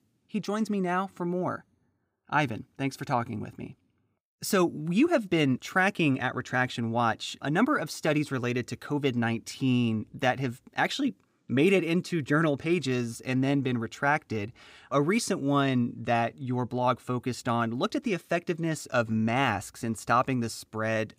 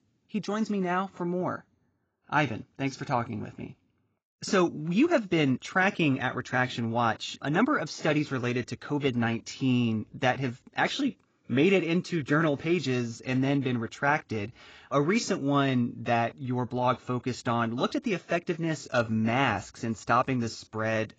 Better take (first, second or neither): first